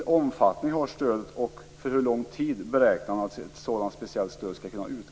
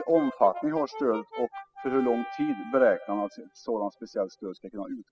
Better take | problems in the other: first | noise reduction (classical method spectral subtraction)

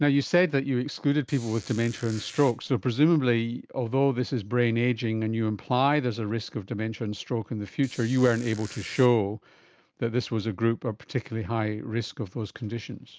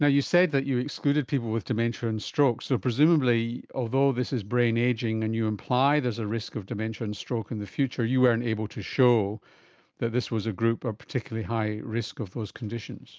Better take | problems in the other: second | background sound (Squeak); 19 dB below the speech

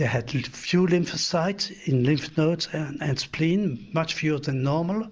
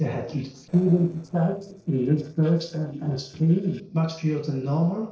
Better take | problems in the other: first | noise reduction (neural separator model SepFormer DNS4)

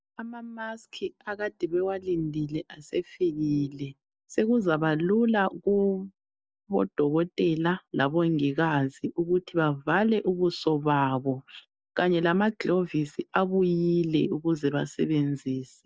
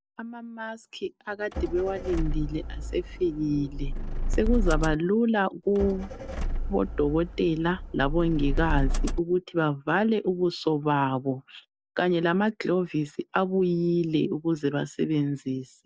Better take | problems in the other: first | background sound (Motor vehicle (road)); 2 dB below the speech

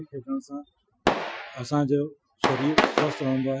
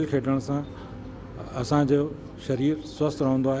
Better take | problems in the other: second | noise reduction (classical method Wiener filter)

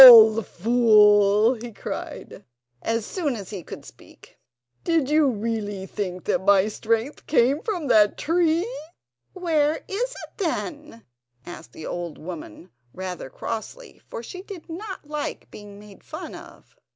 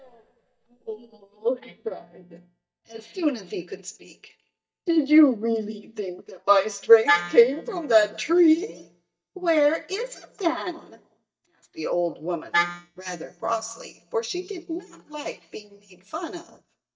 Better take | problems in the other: first | noise reduction (neural mask model DeepFilterNet 3)

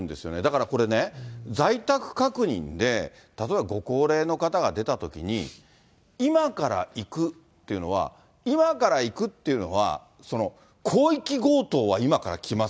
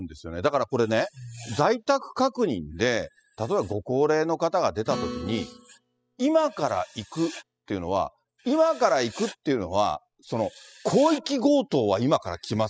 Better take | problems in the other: first | noise reduction (classical method spectral subtraction)

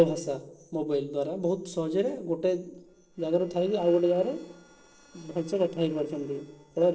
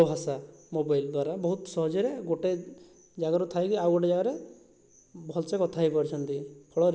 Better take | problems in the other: second | noise reduction (neural separator model SepFormer DNS4)

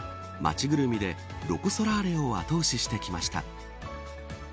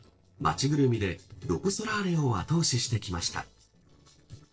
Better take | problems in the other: first | noise reduction (neural separator model SepFormer DNS4)

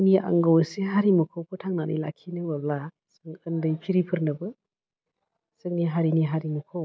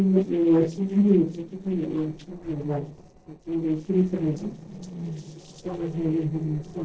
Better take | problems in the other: first | noise reduction (neural separator model SepFormer DNS4)

